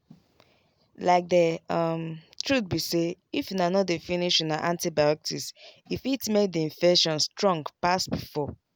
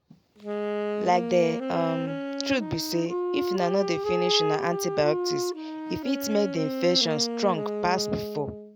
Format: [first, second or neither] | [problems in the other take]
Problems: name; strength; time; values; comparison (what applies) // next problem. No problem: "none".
first | background sound (Wind instrument, woodwind instrument); 2 dB below the speech